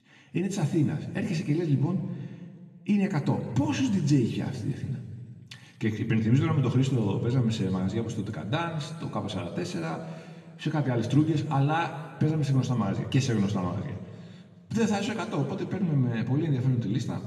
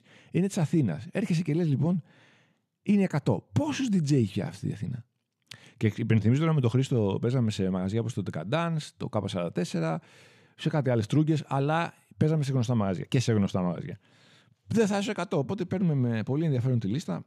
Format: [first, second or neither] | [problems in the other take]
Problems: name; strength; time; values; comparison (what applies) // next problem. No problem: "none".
second | room echo; noticeable; dies away in 1.4 s // off-mic speech; somewhat distant